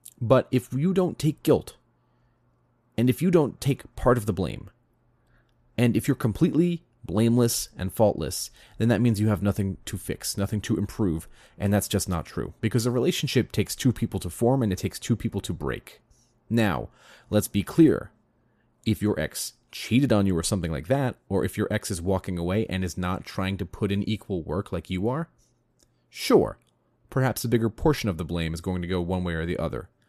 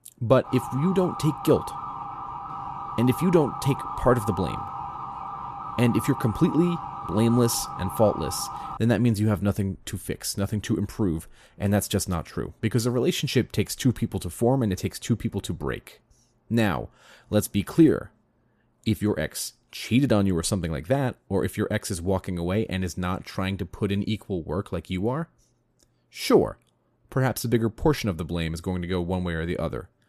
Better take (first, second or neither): first